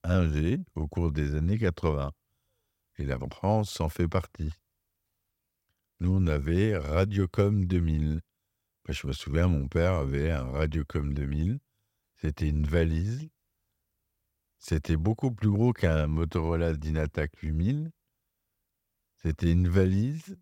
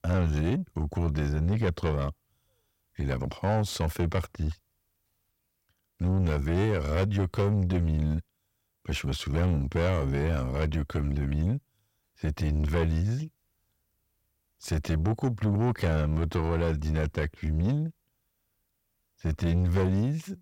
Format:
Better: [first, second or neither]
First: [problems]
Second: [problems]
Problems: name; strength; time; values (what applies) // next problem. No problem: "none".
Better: first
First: none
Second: distortion; slight; 10 dB below the speech